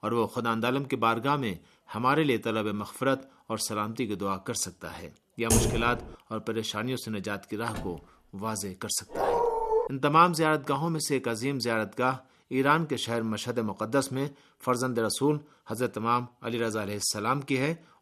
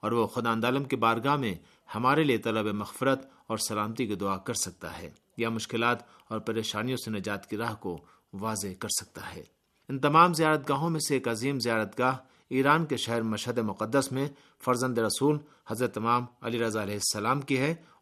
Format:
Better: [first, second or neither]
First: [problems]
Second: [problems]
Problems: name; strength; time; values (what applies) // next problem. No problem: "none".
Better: second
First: keyboard typing; loud; at 5.5 s; peak 4 dB above the speech // door banging; faint; at 7.5 s; peak 15 dB below the speech // dog barking; loud; at 9 s; peak 2 dB above the speech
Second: none